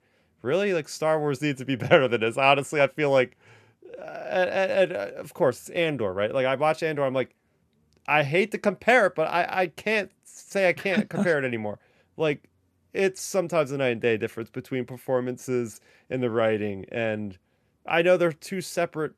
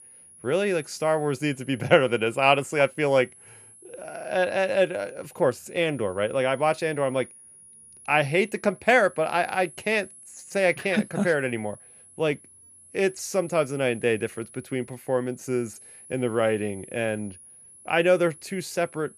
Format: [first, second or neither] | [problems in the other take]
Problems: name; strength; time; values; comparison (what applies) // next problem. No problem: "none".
first | high-pitched whine; faint; throughout; 10.5 kHz, 20 dB below the speech